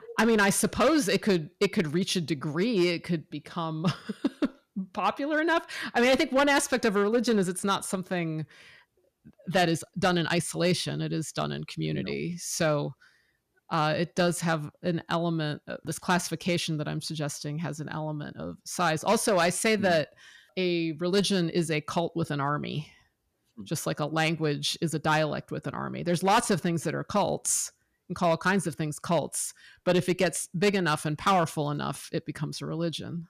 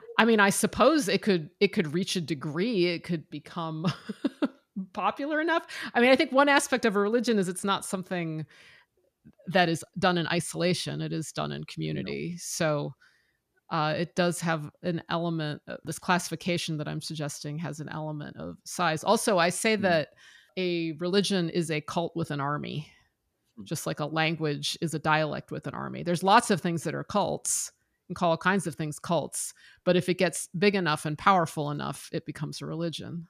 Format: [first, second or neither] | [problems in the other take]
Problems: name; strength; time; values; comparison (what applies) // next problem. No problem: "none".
second | distortion; slight; 3% of the sound clipped